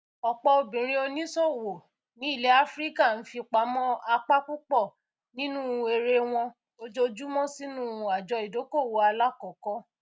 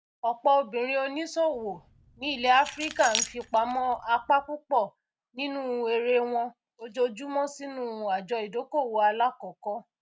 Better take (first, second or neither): first